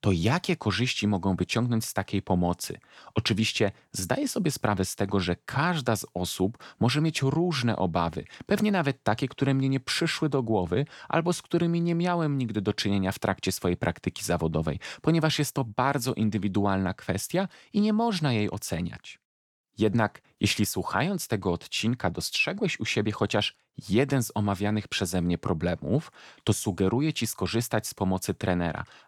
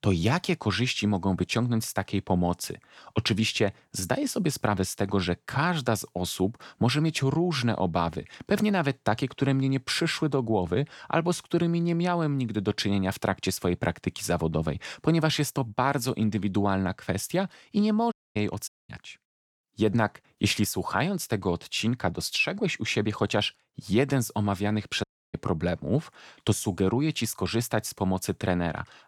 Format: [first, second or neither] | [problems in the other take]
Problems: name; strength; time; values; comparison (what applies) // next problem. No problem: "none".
first | audio cutting out; at 18 s, at 19 s and at 25 s